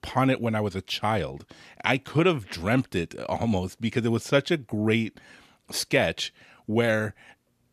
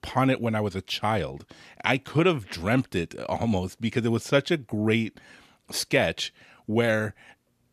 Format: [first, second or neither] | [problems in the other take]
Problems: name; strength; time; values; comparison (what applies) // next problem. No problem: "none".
neither | none